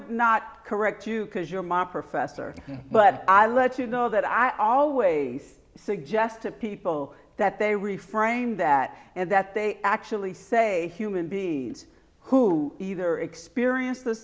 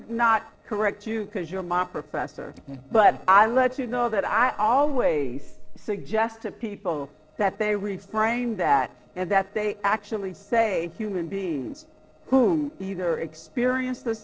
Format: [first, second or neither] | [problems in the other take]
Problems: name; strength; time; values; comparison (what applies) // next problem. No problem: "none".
first | noise reduction (neural separator model SepFormer DNS4)